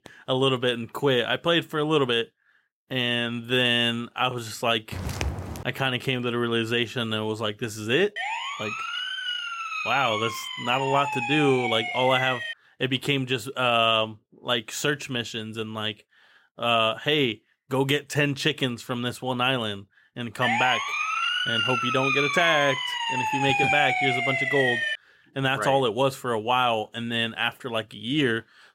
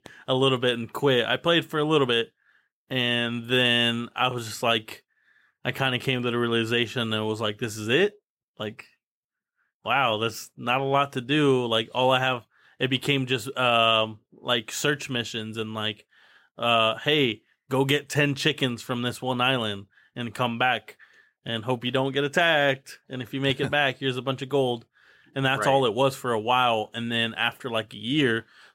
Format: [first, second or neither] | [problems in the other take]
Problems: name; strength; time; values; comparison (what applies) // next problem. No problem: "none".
second | footsteps; noticeable; at 5 s; peak 5 dB below the speech // siren; noticeable; from 8 to 13 s; peak 2 dB below the speech // siren; loud; from 20 to 25 s; peak 3 dB above the speech